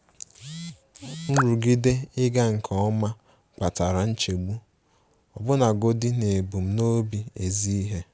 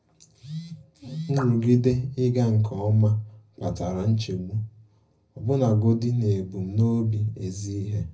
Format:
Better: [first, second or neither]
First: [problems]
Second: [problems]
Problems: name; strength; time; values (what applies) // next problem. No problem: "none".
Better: first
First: none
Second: room echo; dies away in 0.4 s